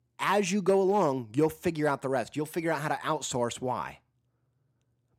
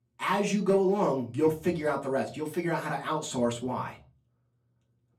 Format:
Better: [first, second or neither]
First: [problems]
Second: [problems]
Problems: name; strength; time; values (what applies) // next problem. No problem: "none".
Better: first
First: none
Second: off-mic speech; far // room echo; very slight; dies away in 0.3 s